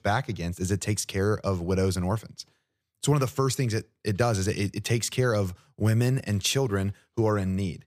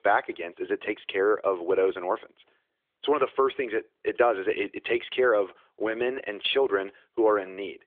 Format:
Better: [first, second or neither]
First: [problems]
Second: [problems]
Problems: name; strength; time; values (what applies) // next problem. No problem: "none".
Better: first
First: none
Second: phone-call audio; nothing above 3.5 kHz